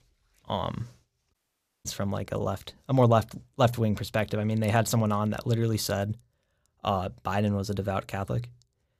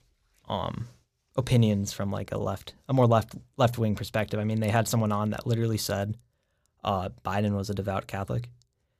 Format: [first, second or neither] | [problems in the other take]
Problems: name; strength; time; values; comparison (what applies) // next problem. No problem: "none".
second | audio cutting out; at 1.5 s for 0.5 s